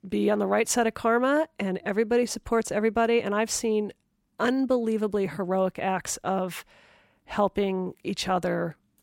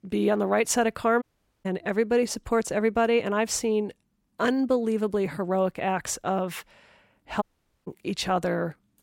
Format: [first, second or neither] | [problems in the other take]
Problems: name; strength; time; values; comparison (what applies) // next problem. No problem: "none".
first | audio cutting out; at 1 s and at 7.5 s